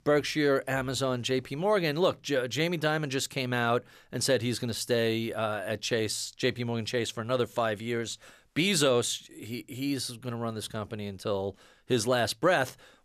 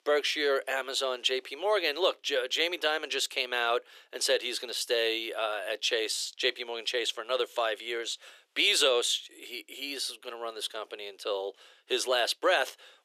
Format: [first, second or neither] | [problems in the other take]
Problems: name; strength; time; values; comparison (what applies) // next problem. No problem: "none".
first | thin; very; fading below 350 Hz